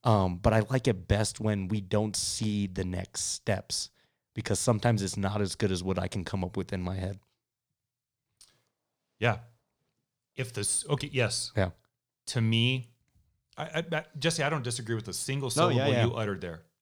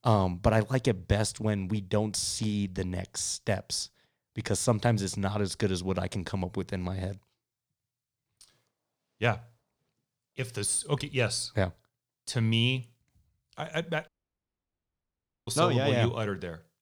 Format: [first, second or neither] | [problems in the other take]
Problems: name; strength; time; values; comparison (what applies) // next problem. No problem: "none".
first | audio cutting out; at 14 s for 1.5 s